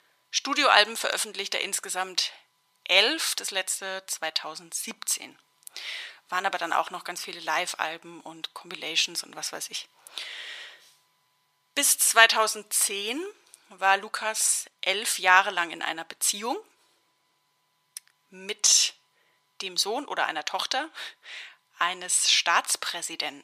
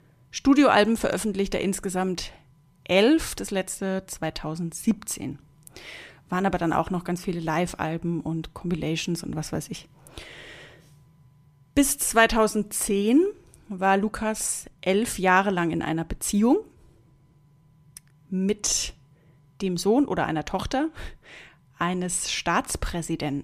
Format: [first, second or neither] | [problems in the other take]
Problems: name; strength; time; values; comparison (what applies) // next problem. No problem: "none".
second | thin; very; fading below 950 Hz